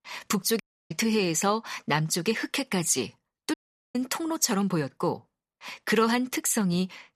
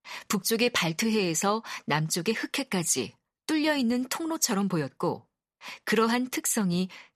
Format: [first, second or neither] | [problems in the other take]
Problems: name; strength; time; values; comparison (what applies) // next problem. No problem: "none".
second | audio cutting out; at 0.5 s and at 3.5 s